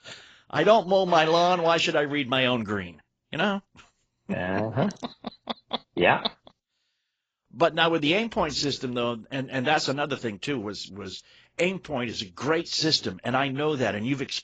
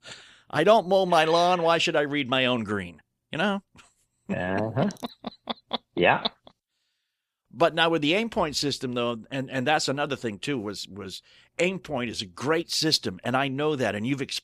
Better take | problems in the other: second | garbled, watery; badly; nothing above 7.5 kHz

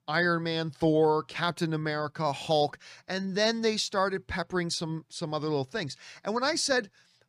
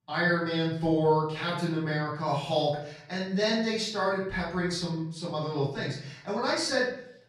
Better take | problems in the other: first | off-mic speech; far // room echo; noticeable; dies away in 0.6 s

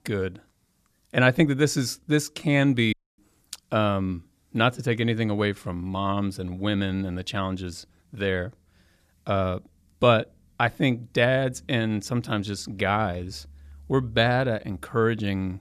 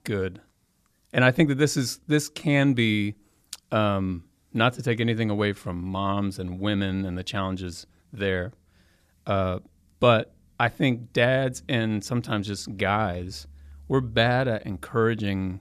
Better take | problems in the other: second | audio cutting out; at 3 s

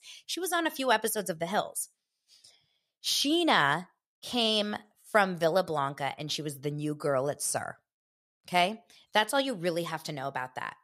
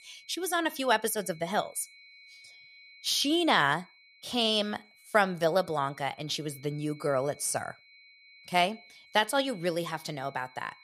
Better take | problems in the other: first | high-pitched whine; faint; throughout; 2 kHz, 25 dB below the speech

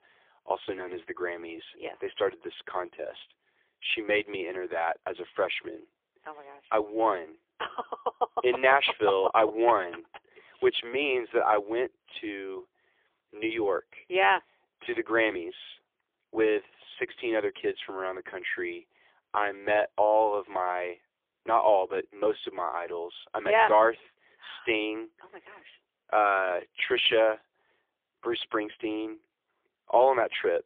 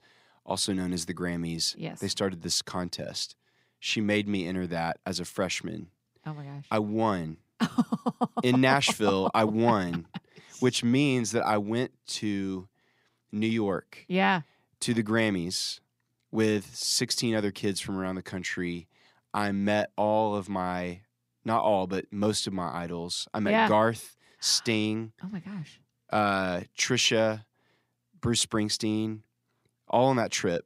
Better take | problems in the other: second | phone-call audio; poor line; nothing above 3.5 kHz

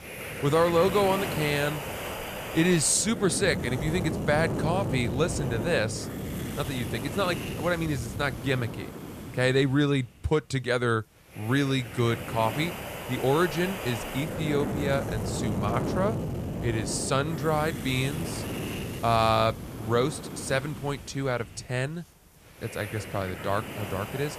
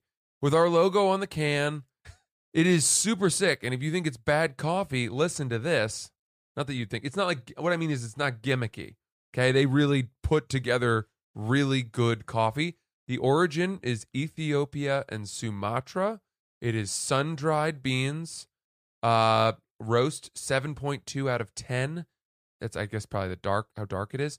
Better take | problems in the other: second | wind noise on the microphone; heavy; 8 dB below the speech

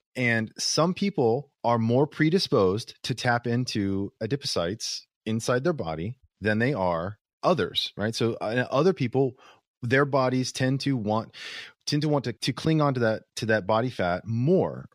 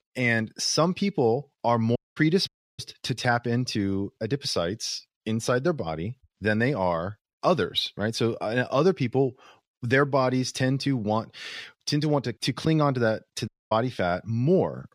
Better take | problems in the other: first | audio cutting out; at 2 s, at 2.5 s and at 13 s

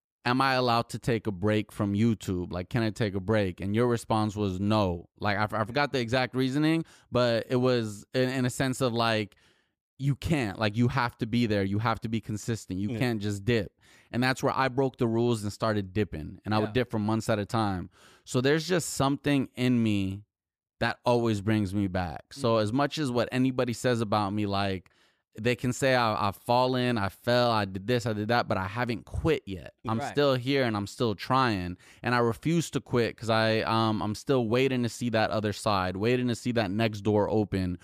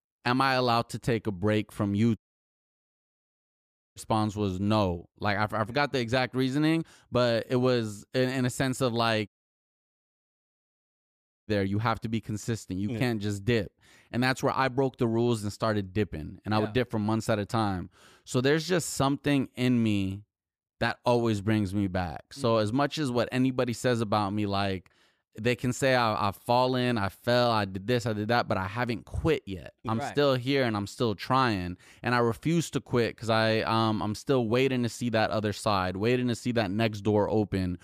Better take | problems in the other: first | audio cutting out; at 2 s for 2 s and at 9.5 s for 2 s

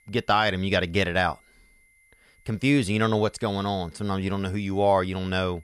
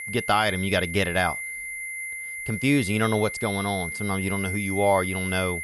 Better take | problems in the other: first | high-pitched whine; loud; throughout; 2 kHz, 6 dB below the speech; faint in the first

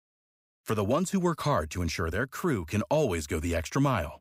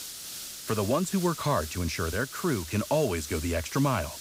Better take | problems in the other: first | hiss; loud; throughout; 10 dB below the speech

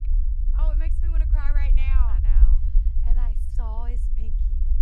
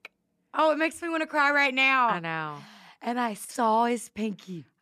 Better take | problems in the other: second | low rumble; loud; throughout; 5 dB below the speech

